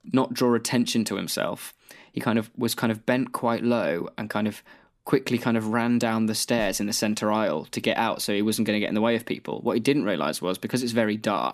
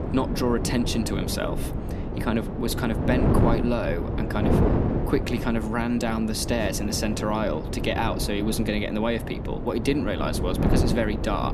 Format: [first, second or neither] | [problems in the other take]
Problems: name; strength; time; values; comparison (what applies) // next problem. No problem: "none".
first | wind noise on the microphone; heavy; 4 dB below the speech